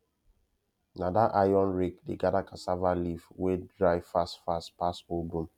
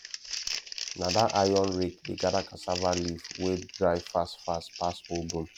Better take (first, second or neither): first